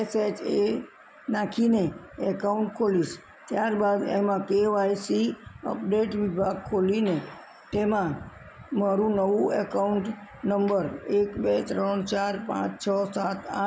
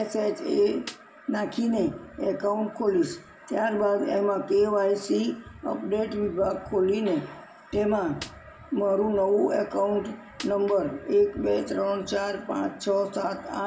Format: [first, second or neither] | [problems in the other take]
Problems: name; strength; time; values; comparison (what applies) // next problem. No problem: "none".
first | background sound (Snare drum); 17 dB below the speech // room echo; dies away in 0.6 s